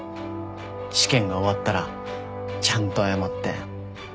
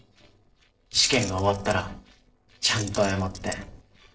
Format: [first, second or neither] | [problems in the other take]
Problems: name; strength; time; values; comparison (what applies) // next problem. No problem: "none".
first | noise reduction (neural separator model SepFormer DNS4)